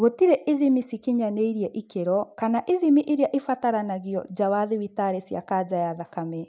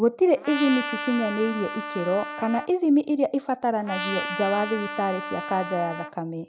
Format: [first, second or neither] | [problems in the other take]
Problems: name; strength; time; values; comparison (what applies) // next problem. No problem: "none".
first | background sound (Trumpet); 9 dB below the speech